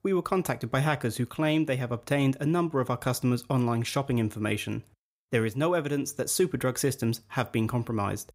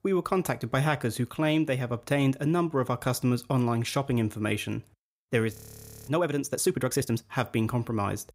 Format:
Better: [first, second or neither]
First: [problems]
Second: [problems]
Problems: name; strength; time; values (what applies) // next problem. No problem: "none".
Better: first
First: none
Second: audio freezing; at 5.5 s for 0.5 s